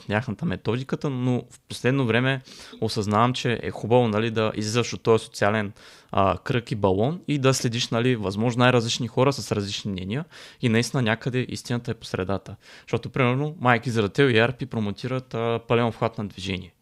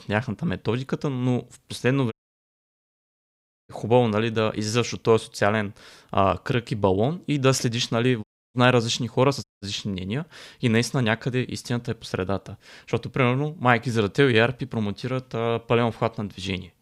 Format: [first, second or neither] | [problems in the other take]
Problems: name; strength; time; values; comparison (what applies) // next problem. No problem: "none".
first | audio cutting out; at 2 s for 1.5 s, at 8 s and at 9.5 s